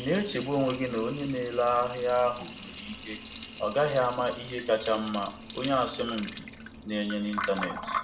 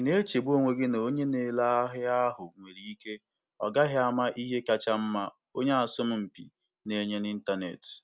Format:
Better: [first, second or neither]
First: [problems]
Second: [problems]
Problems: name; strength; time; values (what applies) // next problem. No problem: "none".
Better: second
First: background sound (Liquid); 10 dB below the speech // room echo; dies away in 0.7 s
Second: none